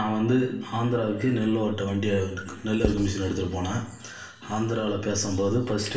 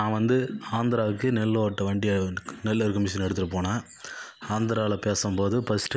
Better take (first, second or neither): second